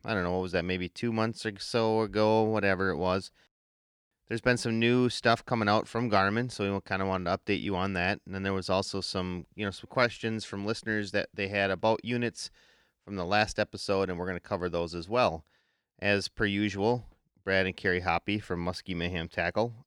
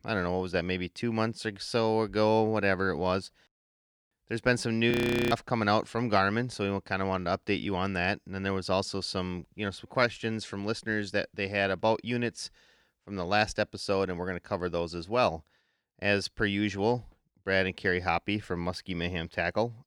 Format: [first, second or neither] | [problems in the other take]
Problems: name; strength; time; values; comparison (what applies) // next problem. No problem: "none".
first | audio freezing; at 5 s